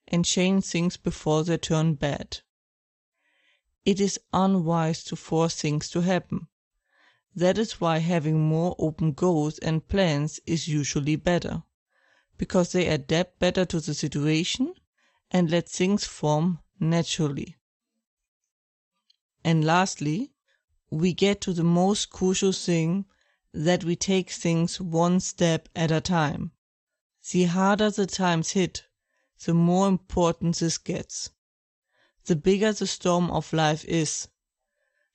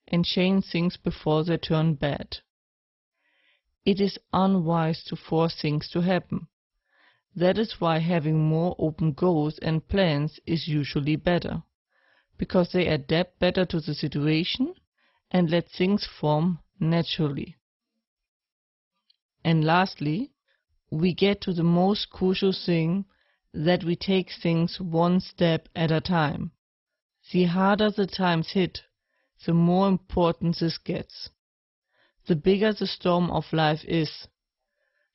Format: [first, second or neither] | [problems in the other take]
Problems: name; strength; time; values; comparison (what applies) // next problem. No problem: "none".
first | garbled, watery; badly; nothing above 5.5 kHz; slightly in the first